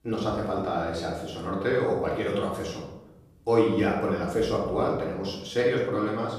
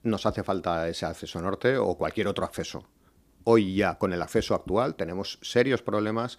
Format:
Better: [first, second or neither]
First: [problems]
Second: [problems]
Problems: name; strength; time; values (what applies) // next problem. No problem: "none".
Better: second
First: off-mic speech; far // room echo; noticeable; dies away in 0.8 s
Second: none